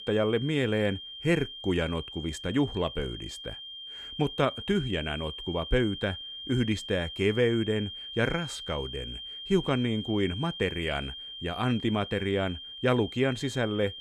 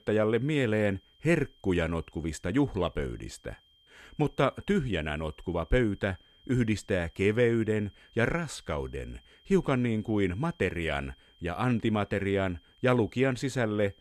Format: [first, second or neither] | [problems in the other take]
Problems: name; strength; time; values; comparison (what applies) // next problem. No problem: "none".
second | high-pitched whine; loud; throughout; 3 kHz, 9 dB below the speech; faint in the second